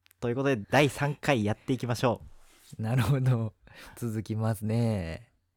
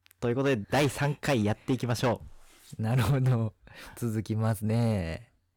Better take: first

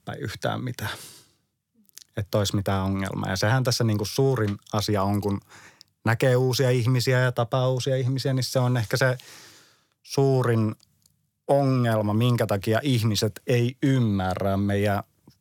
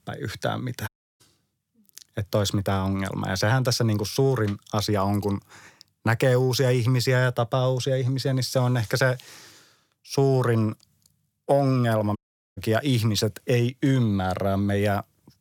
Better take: first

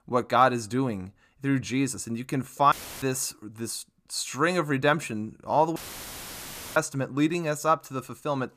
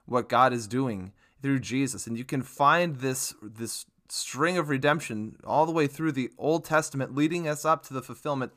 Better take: second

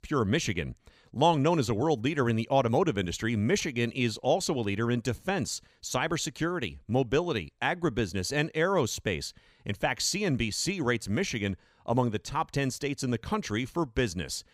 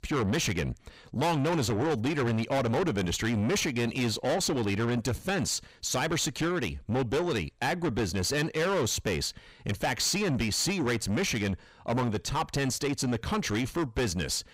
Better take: first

